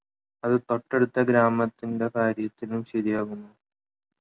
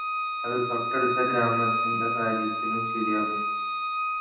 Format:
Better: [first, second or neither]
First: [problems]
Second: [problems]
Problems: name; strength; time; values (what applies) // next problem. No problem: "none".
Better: first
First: none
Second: background sound (Bowed string instrument); 3 dB above the speech // room echo; dies away in 0.8 s